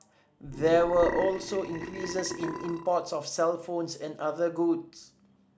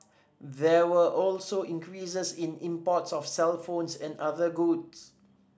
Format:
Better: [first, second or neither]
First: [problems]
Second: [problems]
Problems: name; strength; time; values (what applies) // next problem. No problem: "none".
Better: second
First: background sound (Burping, eructation); 8 dB below the speech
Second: none